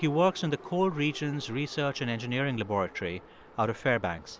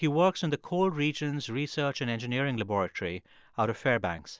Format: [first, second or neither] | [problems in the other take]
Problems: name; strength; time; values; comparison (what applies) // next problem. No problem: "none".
second | background sound (Subway, metro, underground); 20 dB below the speech